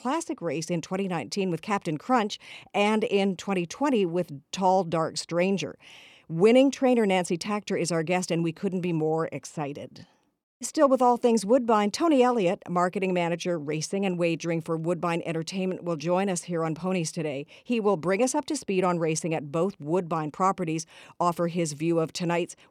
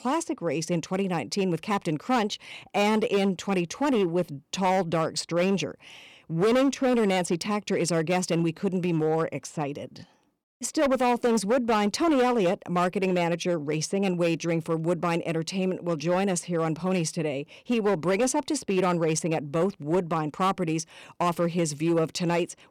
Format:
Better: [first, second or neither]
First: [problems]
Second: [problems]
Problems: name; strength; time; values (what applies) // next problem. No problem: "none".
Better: first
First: none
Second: distortion; slight; 7% of the sound clipped